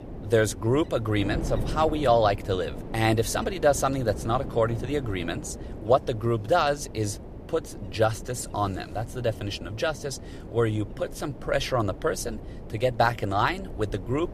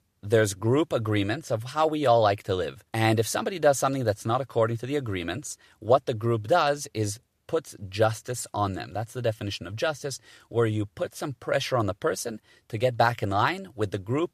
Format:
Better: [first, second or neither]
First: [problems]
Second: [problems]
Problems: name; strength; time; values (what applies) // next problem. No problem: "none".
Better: second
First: wind noise on the microphone; occasional gusts; 15 dB below the speech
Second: none